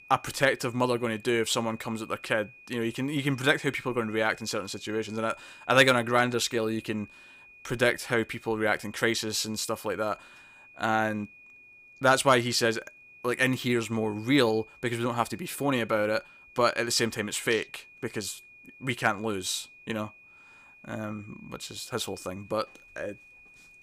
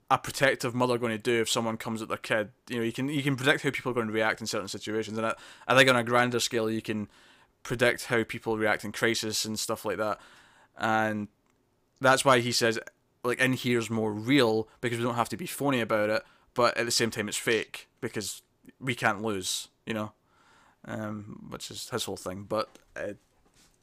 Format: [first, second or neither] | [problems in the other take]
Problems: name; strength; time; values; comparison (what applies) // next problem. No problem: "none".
second | high-pitched whine; faint; throughout; 2.5 kHz, 20 dB below the speech